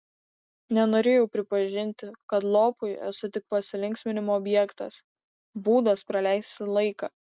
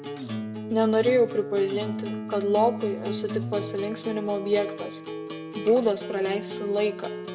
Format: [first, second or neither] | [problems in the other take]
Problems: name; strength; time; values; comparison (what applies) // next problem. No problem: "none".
first | background sound (Acoustic guitar); 8 dB below the speech // room echo; dies away in 0.6 s